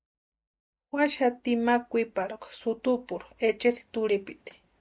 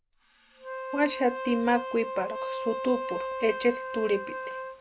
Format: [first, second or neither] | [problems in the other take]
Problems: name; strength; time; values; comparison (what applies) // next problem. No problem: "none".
first | background sound (Wind instrument, woodwind instrument); 6 dB below the speech